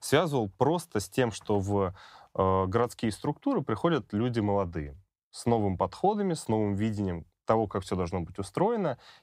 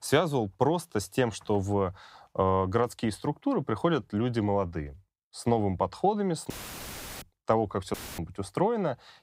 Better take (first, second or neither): first